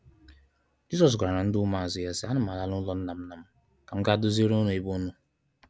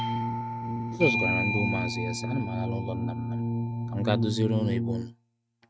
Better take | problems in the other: first | noise reduction (neural mask model RNNoise)

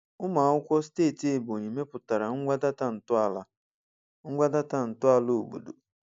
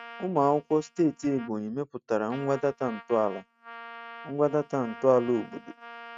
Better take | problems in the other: first | noise reduction (neural mask model RNNoise)

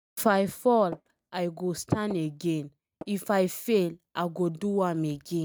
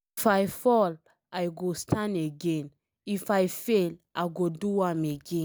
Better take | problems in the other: second | noise reduction (neural mask model RNNoise)

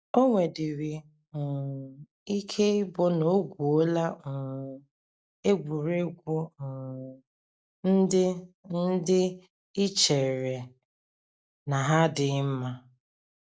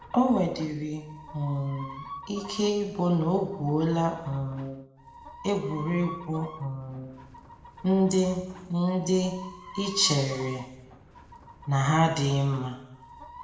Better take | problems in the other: first | background sound (Chicken, rooster); 17 dB below the speech // room echo; dies away in 1 s

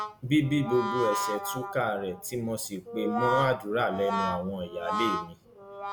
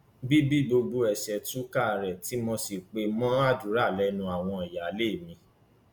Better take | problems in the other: second | background sound (Brass instrument); 4 dB below the speech

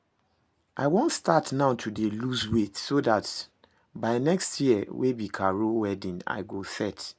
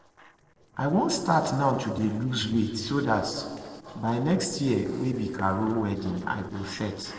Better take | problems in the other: first | noise reduction (neural separator model SepFormer DNS4)

